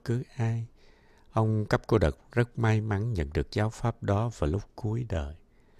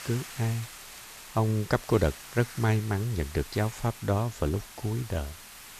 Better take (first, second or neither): first